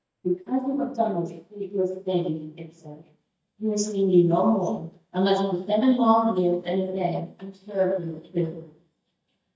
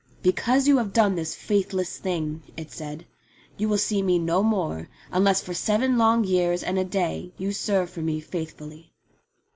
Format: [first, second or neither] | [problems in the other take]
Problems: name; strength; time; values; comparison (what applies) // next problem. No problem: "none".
second | noise reduction (neural mask model DeepFilterNet 3)